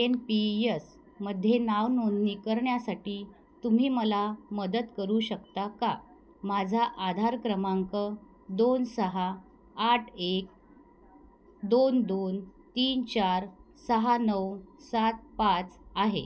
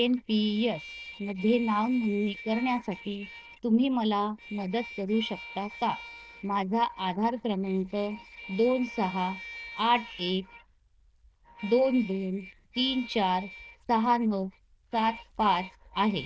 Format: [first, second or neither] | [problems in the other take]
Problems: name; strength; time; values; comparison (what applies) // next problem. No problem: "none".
first | noise reduction (neural diffusion model UNIVERSE++)